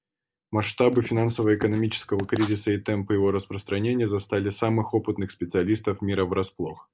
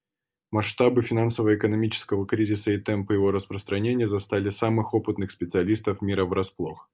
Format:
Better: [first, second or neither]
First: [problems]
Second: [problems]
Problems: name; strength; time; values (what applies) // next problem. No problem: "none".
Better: second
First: background sound (Writing); 15 dB below the speech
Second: none